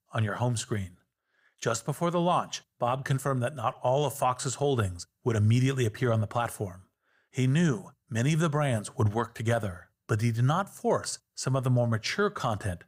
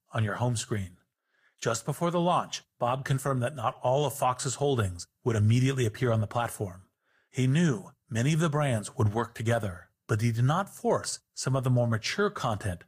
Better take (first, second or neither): first